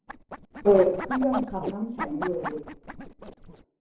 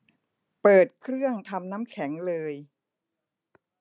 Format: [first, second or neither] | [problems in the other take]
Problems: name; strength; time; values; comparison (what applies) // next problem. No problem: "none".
second | noise reduction (neural separator model SepFormer DNS4)